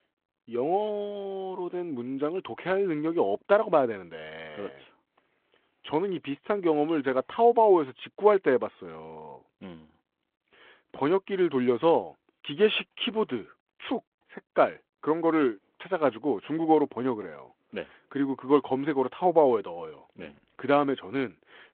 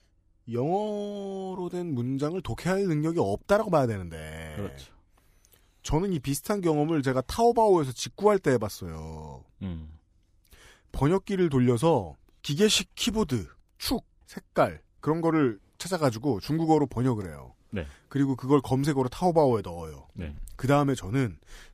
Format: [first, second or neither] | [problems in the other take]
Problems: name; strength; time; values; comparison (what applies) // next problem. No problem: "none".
second | phone-call audio; nothing above 3.5 kHz